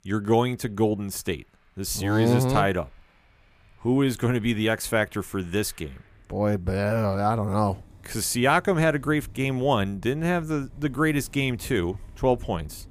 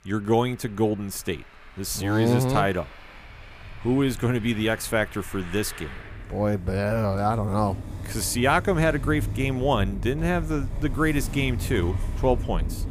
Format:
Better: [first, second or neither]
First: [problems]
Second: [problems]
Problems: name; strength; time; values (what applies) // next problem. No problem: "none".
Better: first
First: traffic noise; faint; throughout; 25 dB below the speech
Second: traffic noise; loud; throughout; 9 dB below the speech